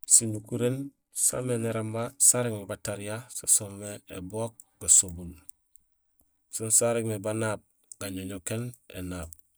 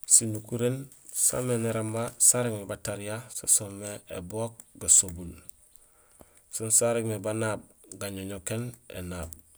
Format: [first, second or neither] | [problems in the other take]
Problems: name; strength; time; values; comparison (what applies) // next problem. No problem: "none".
second | noise reduction (neural mask model DeepFilterNet 3)